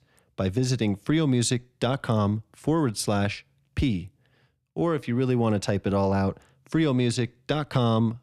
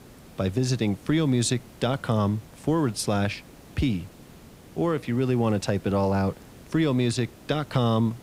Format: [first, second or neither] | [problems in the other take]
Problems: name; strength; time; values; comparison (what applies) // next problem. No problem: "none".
first | hiss; faint; throughout; 20 dB below the speech